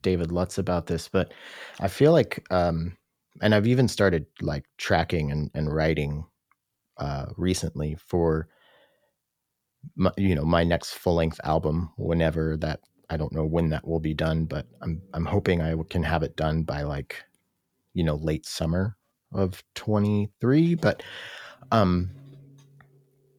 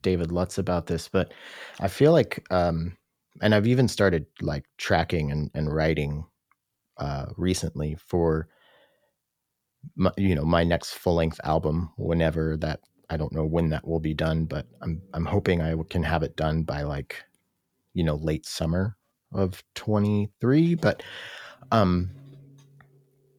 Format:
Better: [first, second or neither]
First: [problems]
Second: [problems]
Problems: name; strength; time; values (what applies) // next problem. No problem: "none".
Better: neither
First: none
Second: none